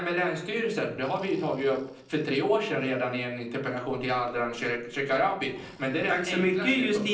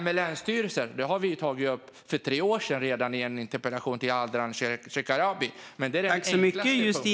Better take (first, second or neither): second